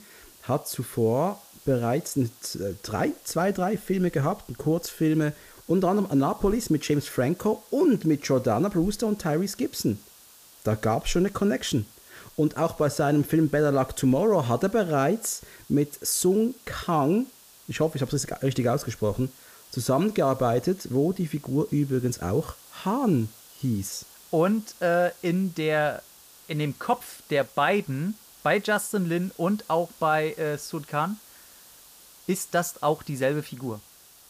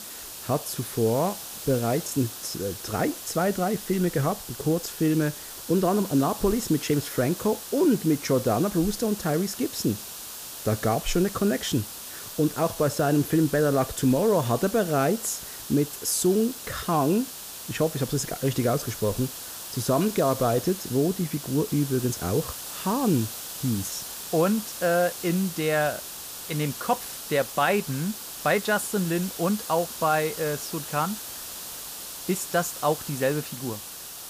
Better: first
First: hiss; faint; throughout; 25 dB below the speech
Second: hiss; loud; throughout; 9 dB below the speech

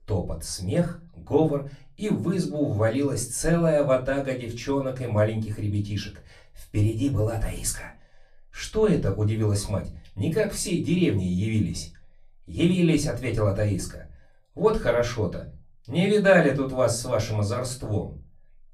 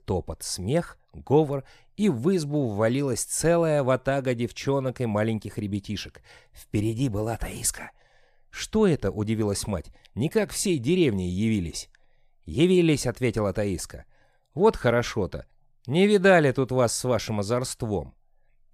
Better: second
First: off-mic speech; far // room echo; very slight; dies away in 0.3 s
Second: none

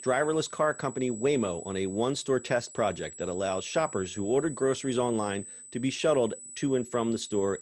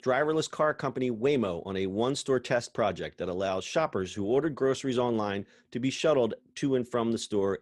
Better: second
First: high-pitched whine; noticeable; throughout; 8 kHz, 15 dB below the speech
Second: none

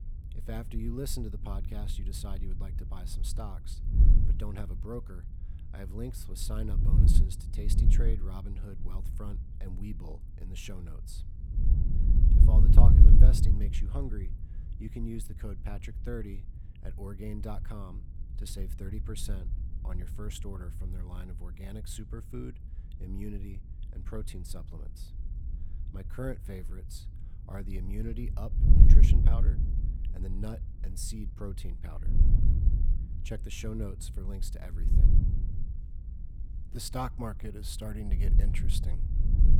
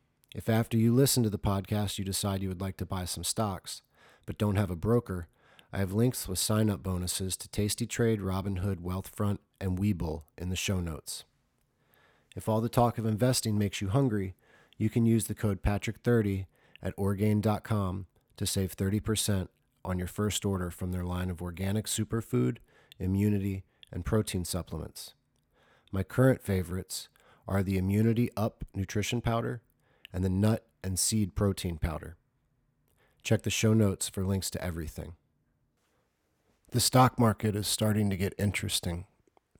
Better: second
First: wind noise on the microphone; heavy; 1 dB below the speech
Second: none

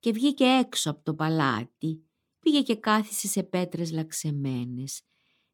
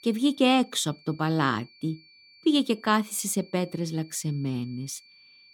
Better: first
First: none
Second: high-pitched whine; faint; throughout; 4.5 kHz, 25 dB below the speech

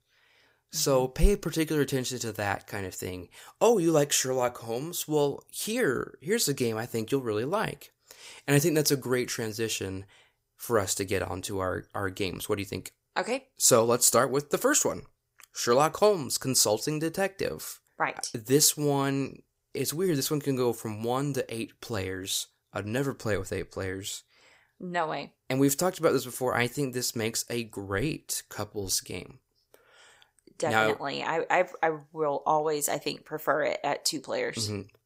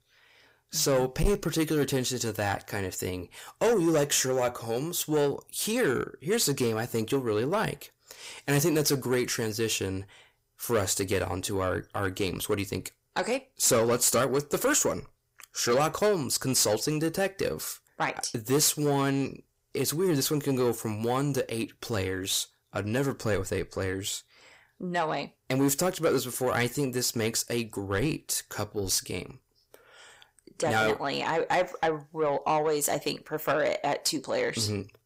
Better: first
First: none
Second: distortion; slight; 10 dB below the speech

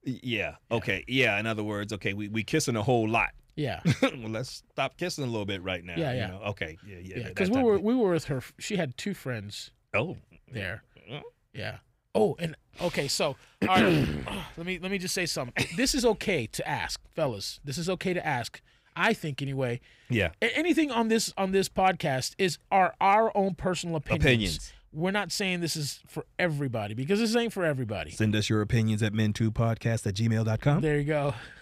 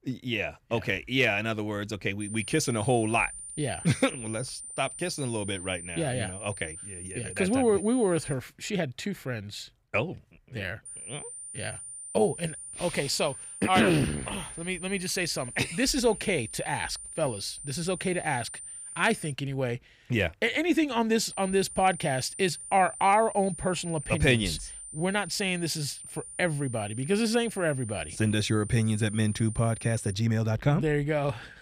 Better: first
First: none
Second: high-pitched whine; noticeable; from 2 to 8.5 s, from 11 to 19 s and from 21 to 30 s; 9 kHz, 10 dB below the speech

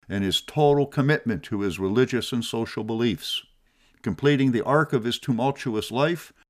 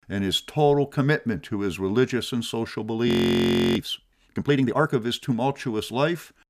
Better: first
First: none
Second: audio freezing; at 3 s for 0.5 s

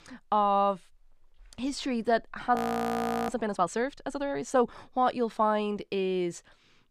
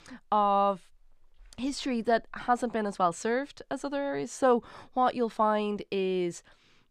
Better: second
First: audio freezing; at 2.5 s for 0.5 s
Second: none

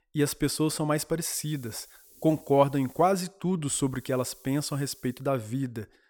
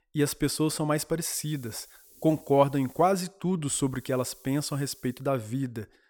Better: neither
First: hiss; faint; from 1.5 to 3 s and from 4 to 5 s; 25 dB below the speech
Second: hiss; faint; from 1.5 to 3 s and from 4 to 5 s; 25 dB below the speech

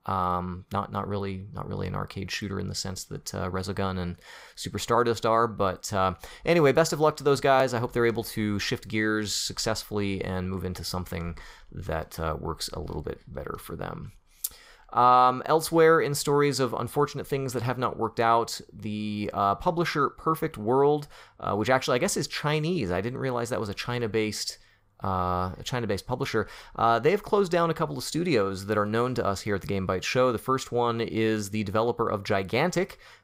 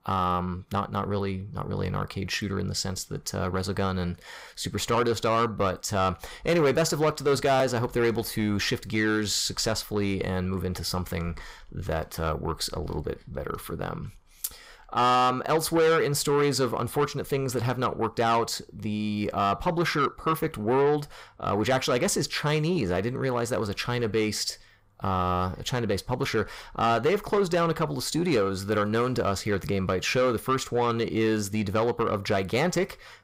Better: first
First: none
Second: distortion; slight; 10 dB below the speech

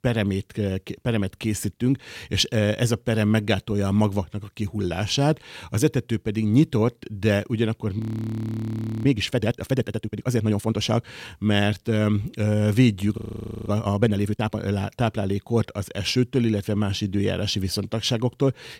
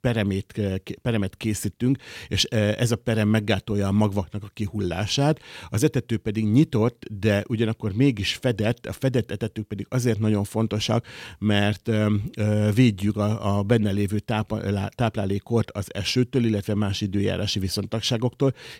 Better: second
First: audio freezing; at 8 s for 1 s and at 13 s for 0.5 s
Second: none

